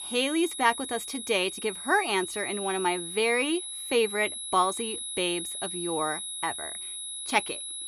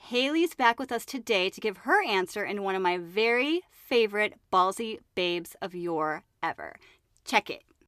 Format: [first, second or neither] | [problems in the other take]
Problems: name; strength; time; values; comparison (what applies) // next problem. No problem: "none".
second | high-pitched whine; loud; throughout; 11 kHz, 6 dB below the speech